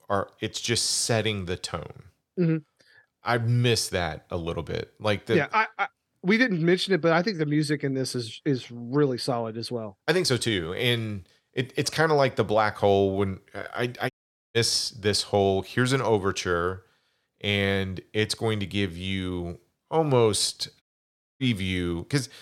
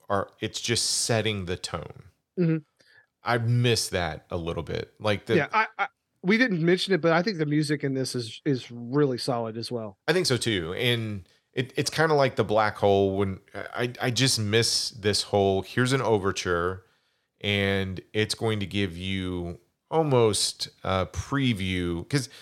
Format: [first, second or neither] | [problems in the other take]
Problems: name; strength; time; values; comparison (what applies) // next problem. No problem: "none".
second | audio cutting out; at 14 s and at 21 s for 0.5 s